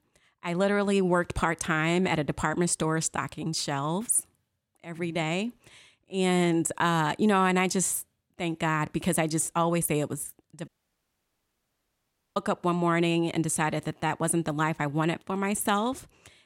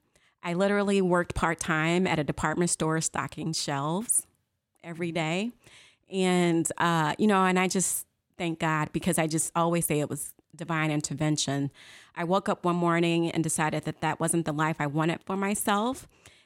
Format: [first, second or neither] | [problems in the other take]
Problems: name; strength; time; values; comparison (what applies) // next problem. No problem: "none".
second | audio cutting out; at 11 s for 1.5 s